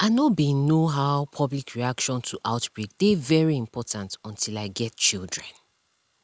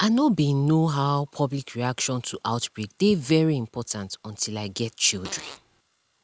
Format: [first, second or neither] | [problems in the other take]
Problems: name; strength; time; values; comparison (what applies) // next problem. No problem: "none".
first | background sound (Fart); 18 dB below the speech